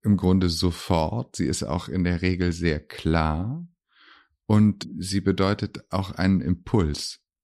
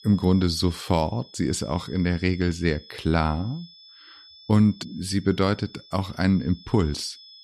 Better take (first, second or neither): first